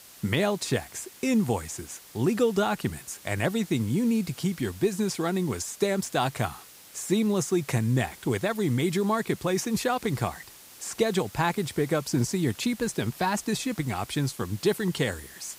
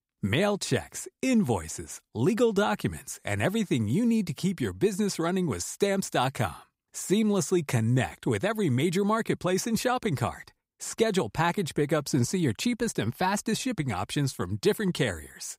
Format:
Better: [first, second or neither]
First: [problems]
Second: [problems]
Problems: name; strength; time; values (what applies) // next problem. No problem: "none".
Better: second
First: hiss; noticeable; throughout; 20 dB below the speech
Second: none